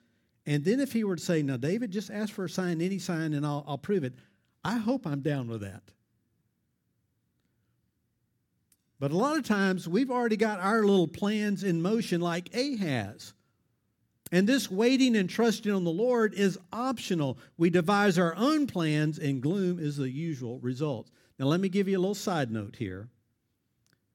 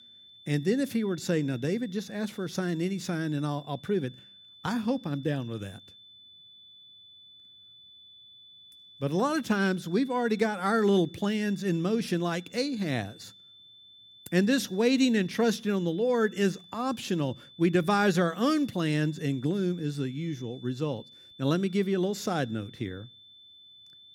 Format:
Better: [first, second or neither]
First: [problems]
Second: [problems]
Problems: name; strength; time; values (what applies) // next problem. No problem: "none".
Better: first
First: none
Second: high-pitched whine; faint; throughout; 3.5 kHz, 20 dB below the speech